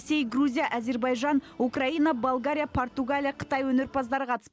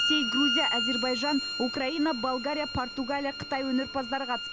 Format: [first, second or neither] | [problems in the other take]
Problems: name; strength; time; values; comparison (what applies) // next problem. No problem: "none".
first | background sound (Bowed string instrument); 2 dB below the speech